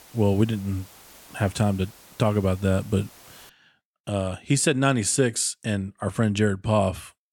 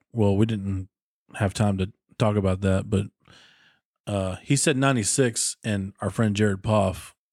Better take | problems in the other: second | hiss; faint; until 3.5 s; 25 dB below the speech

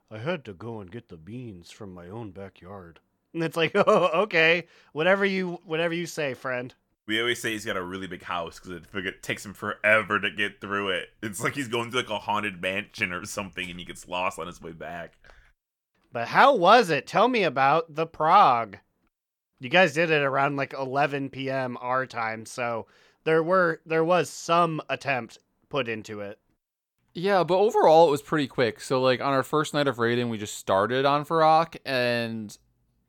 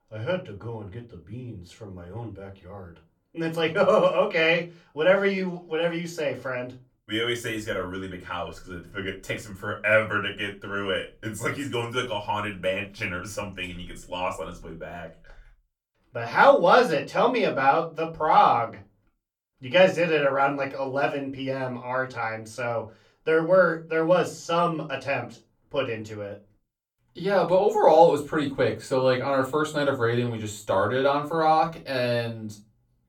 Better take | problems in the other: first | off-mic speech; far // room echo; very slight; dies away in 0.3 s

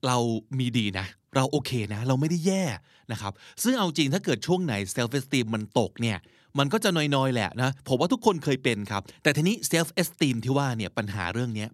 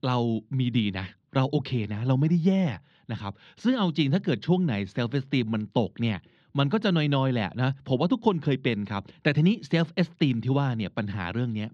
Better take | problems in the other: first | muffled; slightly; fading above 3.5 kHz

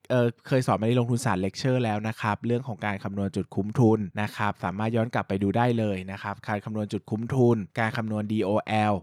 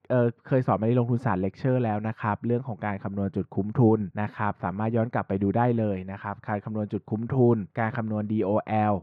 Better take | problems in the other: first | muffled; very; fading above 3.5 kHz

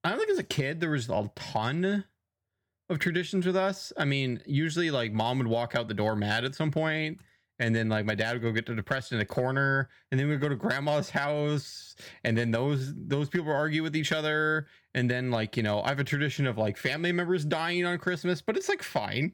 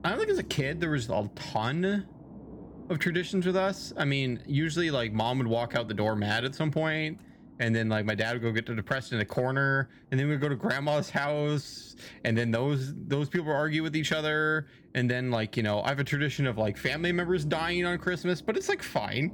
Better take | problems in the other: first | low rumble; faint; throughout; 25 dB below the speech

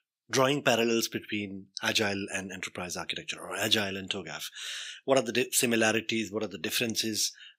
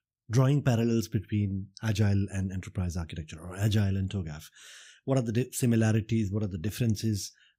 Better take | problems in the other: second | thin; very; fading below 450 Hz

